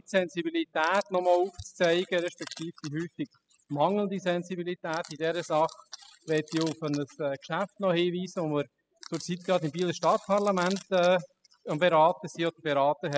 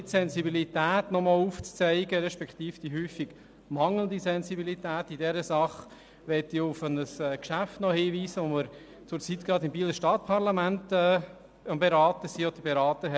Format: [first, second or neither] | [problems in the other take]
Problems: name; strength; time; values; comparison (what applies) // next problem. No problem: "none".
second | noise reduction (classical method spectral subtraction)